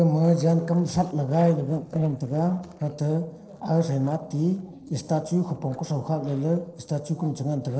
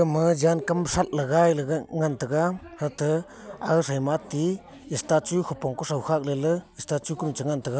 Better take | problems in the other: second | noise reduction (neural separator model SepFormer DNS4)

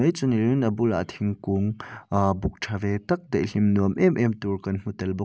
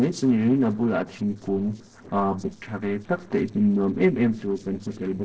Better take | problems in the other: first | noise reduction (neural separator model SepFormer DNS4)

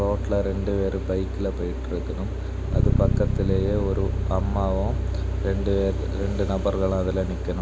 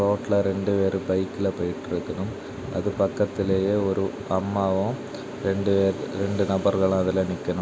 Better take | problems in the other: second | background sound (Bass guitar); 1 dB above the speech

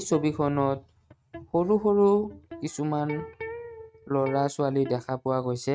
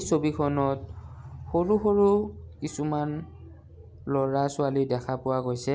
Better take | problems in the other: second | noise reduction (neural mask model RNNoise)

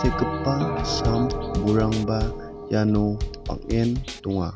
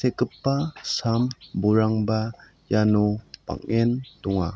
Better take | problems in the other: second | background sound (Bass drum / Snare drum / Drum kit + Bell); 4 dB below the speech

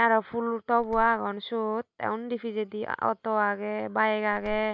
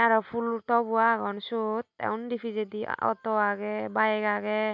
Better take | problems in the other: second | noise reduction (neural mask model Resemble Enhance denoiser)

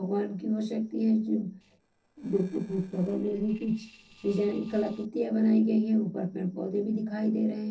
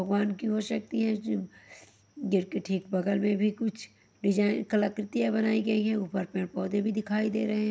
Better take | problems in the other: second | noise reduction (neural separator model SepFormer DNS4)

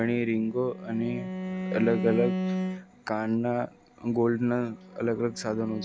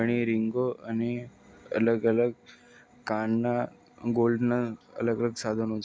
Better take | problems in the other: second | background sound (Bowed string instrument); 6 dB below the speech

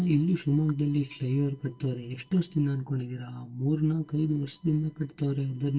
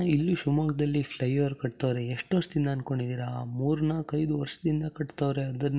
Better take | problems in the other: second | noise reduction (neural separator model SepFormer DNS4)

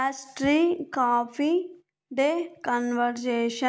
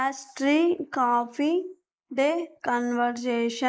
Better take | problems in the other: first | noise reduction (neural mask model Resemble Enhance denoiser)

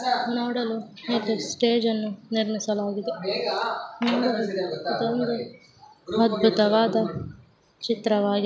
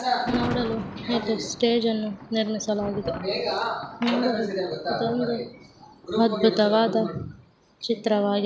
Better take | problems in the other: first | background sound (Thunder); 14 dB below the speech

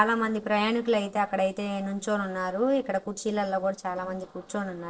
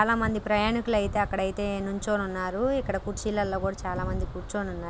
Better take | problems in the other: second | noise reduction (neural separator model SepFormer DNS4)

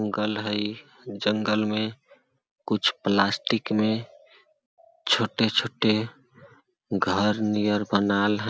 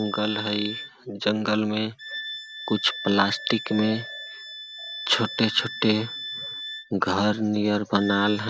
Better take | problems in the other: first | background sound (Wind instrument, woodwind instrument); 11 dB below the speech

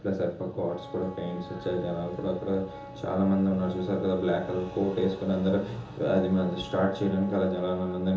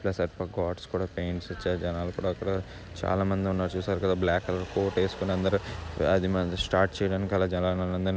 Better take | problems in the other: second | background sound (Wind instrument, woodwind instrument); 18 dB below the speech // room echo; dies away in 1.2 s

